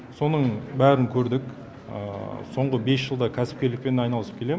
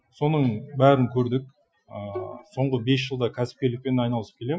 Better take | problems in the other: first | noise reduction (classical method Wiener filter)

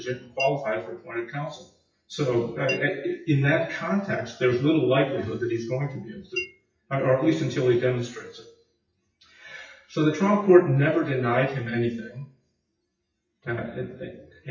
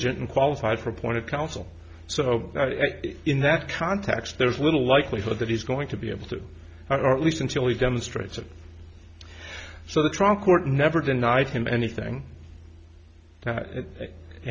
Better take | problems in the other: second | noise reduction (classical method WPE with log-MMSE)

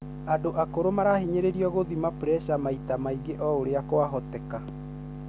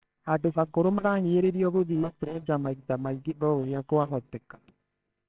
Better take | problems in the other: first | noise reduction (neural separator model SepFormer WHAMR!)

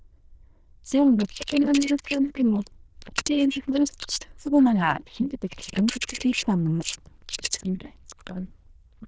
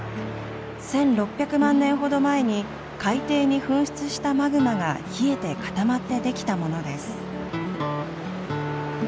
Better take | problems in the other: second | noise reduction (neural diffusion model UNIVERSE++)

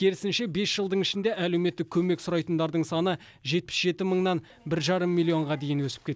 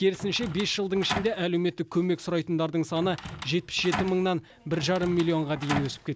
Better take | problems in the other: first | background sound (Door); 9 dB below the speech

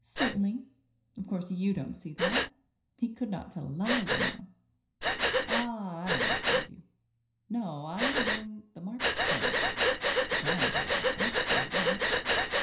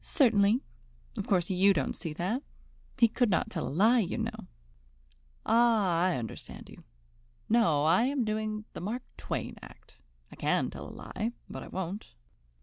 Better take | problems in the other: second | background sound (Breathing); 5 dB above the speech // room echo; dies away in 0.5 s

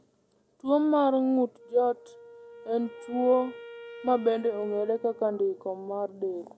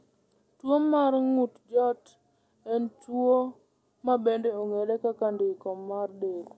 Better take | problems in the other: second | background sound (Wind instrument, woodwind instrument); 19 dB below the speech

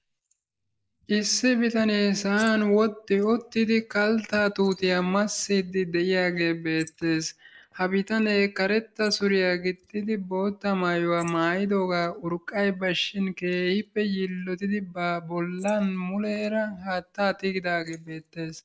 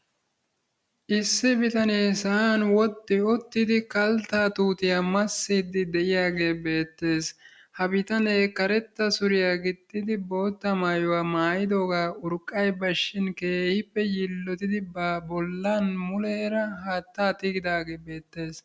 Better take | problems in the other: second | noise reduction (neural mask model Resemble Enhance denoiser)

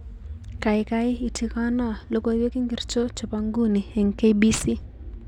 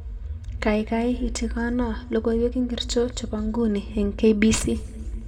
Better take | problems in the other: first | room echo; dies away in 1.5 s

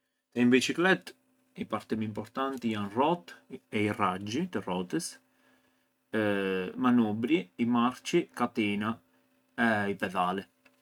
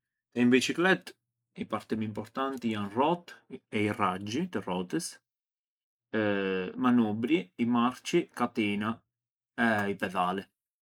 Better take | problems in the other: first | noise reduction (neural mask model Resemble Enhance denoiser)

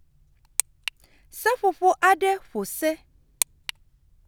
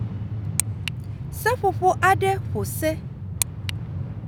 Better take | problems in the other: first | background sound (Train); 4 dB below the speech

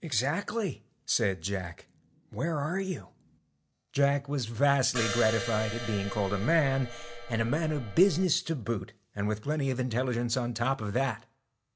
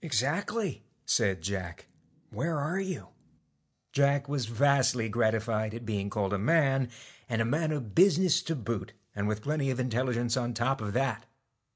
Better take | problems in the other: second | background sound (Crash cymbal); 7 dB below the speech

